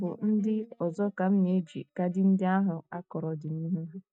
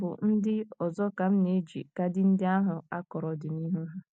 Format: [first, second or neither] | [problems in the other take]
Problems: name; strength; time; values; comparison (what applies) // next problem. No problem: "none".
second | noise reduction (neural mask model DeepFilterNet 3)